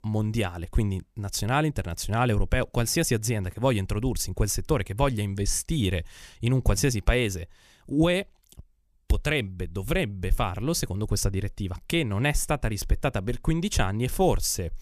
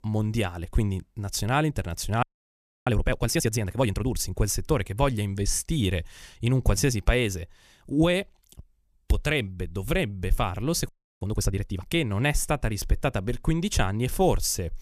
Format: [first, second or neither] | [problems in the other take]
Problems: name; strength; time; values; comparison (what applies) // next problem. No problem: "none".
first | audio freezing; at 2 s for 0.5 s and at 11 s